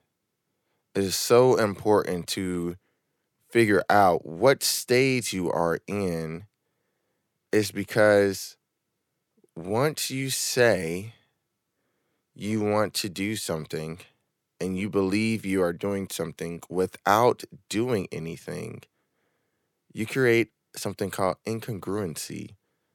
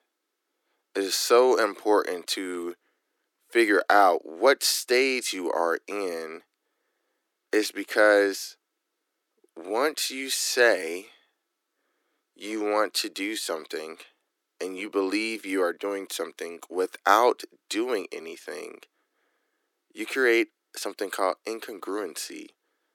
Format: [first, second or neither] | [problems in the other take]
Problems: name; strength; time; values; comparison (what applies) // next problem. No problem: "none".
first | thin; somewhat; fading below 300 Hz